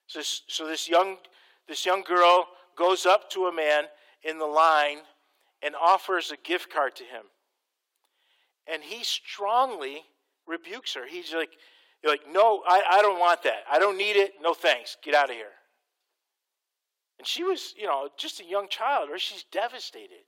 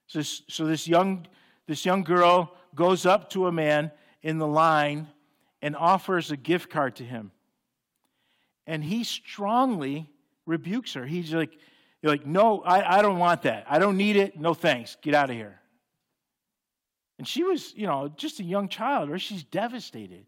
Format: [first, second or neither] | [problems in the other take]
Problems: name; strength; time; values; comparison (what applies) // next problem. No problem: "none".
second | thin; very; fading below 400 Hz